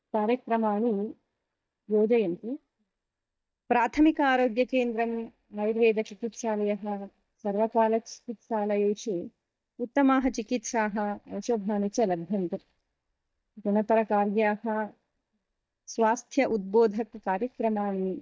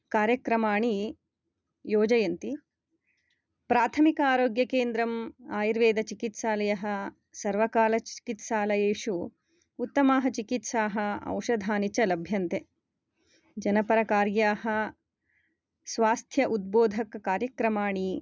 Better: second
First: noise reduction (neural mask model DeepFilterNet 3)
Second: none

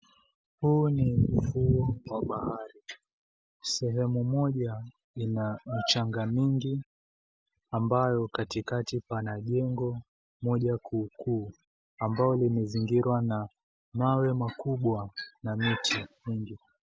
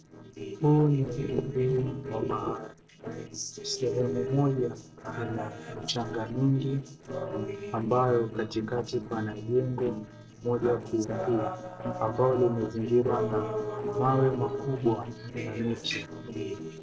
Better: first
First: none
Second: noise reduction (neural separator model SepFormer DNS4)

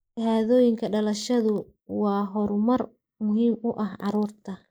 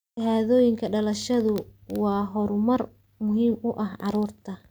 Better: second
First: noise reduction (neural mask model Resemble Enhance denoiser)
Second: none

